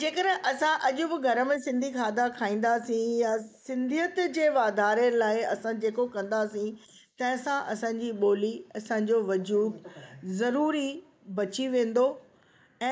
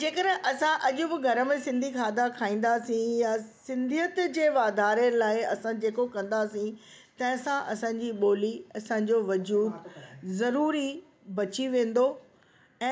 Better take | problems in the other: second | noise reduction (neural mask model Resemble Enhance denoiser)

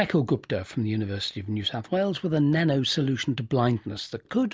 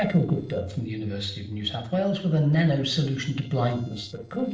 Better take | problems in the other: first | noise reduction (neural separator model SepFormer DNS4)

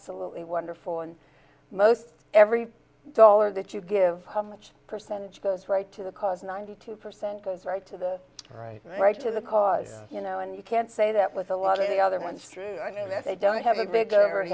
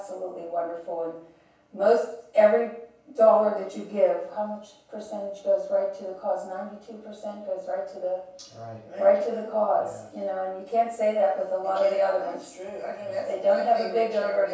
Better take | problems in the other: first | room echo; dies away in 0.7 s

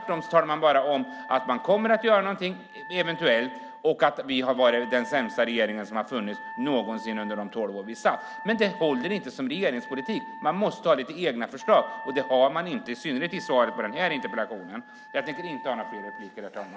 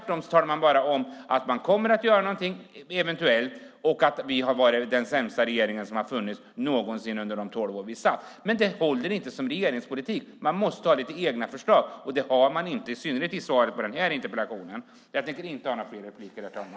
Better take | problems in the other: second | background sound (Wind instrument, woodwind instrument); 15 dB below the speech

